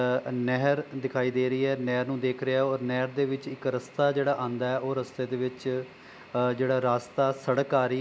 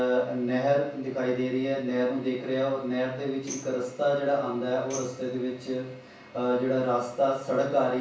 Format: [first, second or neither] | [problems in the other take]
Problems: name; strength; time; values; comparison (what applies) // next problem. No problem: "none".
first | background sound (Tambourine); 19 dB below the speech // room echo; dies away in 0.7 s